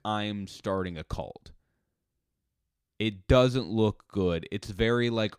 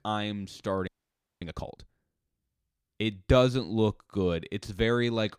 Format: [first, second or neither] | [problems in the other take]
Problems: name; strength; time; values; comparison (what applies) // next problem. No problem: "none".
first | audio freezing; at 1 s for 0.5 s